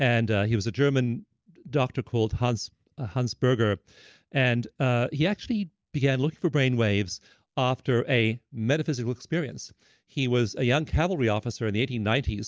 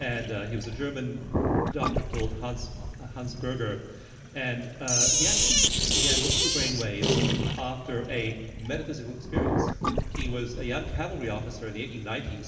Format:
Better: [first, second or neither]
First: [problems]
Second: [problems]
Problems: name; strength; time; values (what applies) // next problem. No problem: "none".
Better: first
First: none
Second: background sound (Sink (filling or washing)); 5 dB above the speech // room echo; dies away in 1.9 s